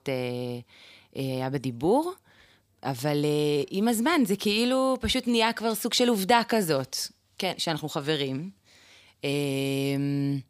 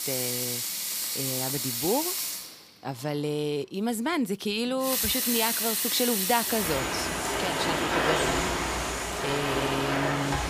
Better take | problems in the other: first | household noises; very loud; throughout; 3 dB above the speech

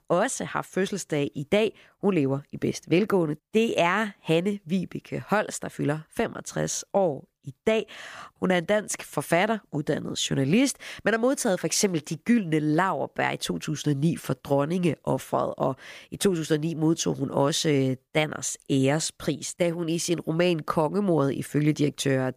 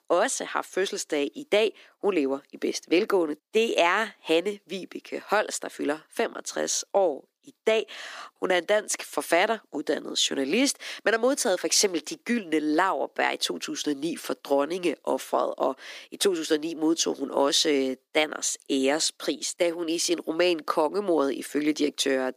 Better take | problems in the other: first | thin; very slightly; fading below 250 Hz

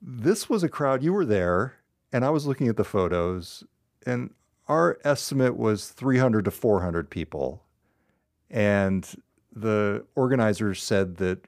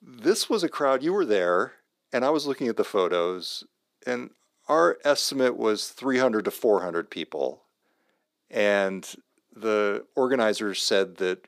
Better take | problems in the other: first | thin; somewhat; fading below 300 Hz

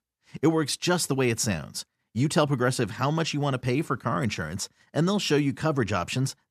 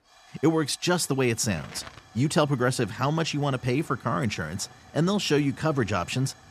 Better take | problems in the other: first | hiss; faint; throughout; 25 dB below the speech

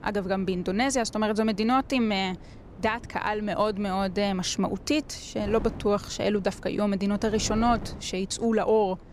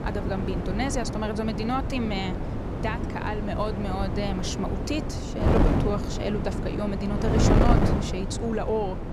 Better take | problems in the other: first | wind noise on the microphone; heavy; 1 dB below the speech; occasional gusts in the first

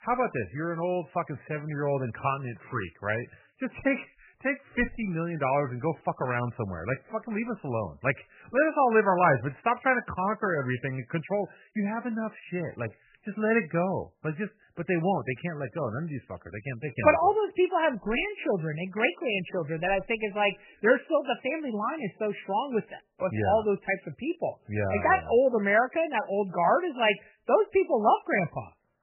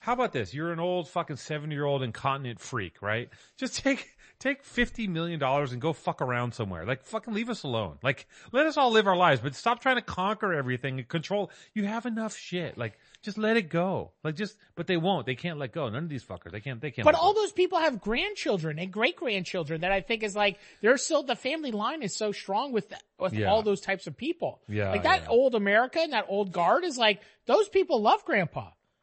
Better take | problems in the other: second | garbled, watery; badly; nothing above 3 kHz; slightly in the second

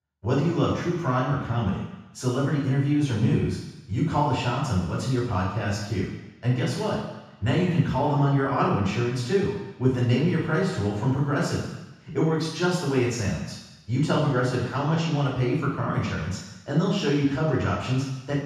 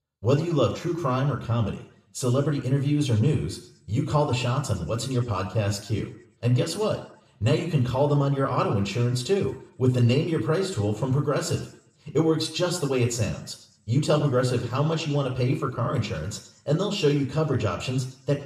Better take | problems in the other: second | room echo; strong; dies away in 1.1 s; slight in the second // off-mic speech; far; somewhat distant in the second

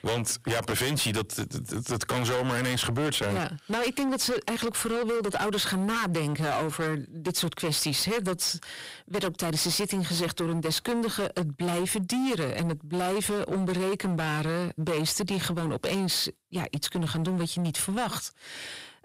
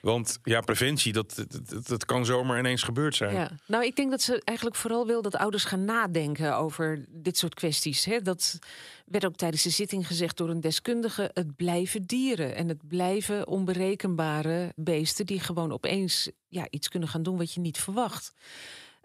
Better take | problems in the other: second | distortion; heavy; 27% of the sound clipped

